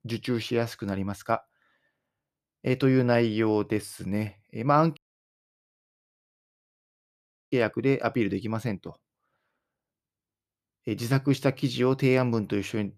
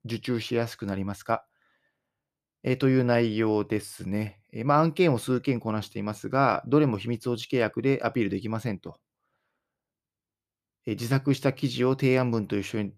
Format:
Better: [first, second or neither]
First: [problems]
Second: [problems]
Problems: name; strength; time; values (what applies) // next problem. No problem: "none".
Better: second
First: audio cutting out; at 5 s for 2.5 s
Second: none